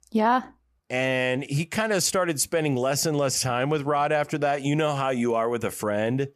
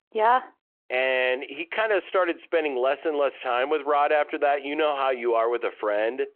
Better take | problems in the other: first | phone-call audio

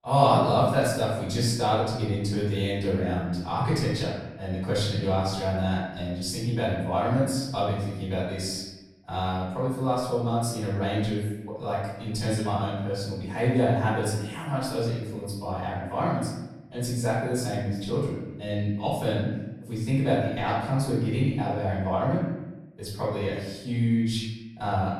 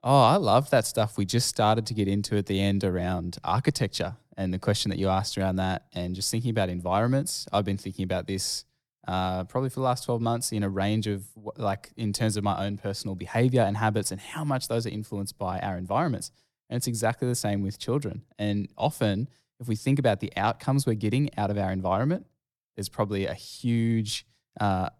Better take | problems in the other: second | off-mic speech; far // room echo; noticeable; dies away in 1 s

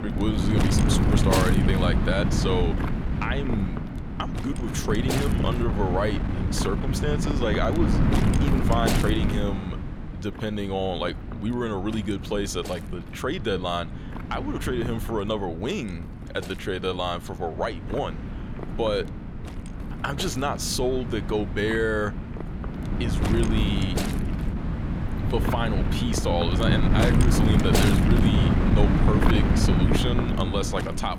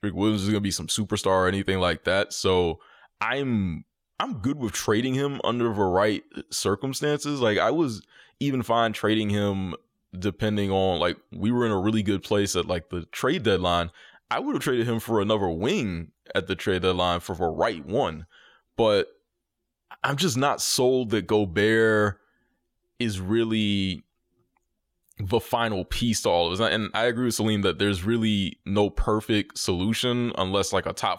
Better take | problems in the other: second | wind noise on the microphone; heavy; 2 dB below the speech

